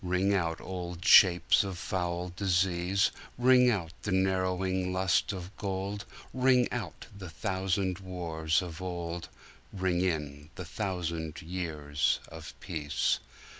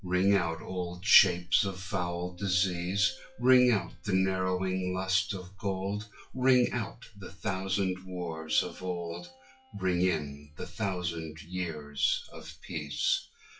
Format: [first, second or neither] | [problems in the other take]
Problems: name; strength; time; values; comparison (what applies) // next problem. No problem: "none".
first | noise reduction (classical method WPE with log-MMSE)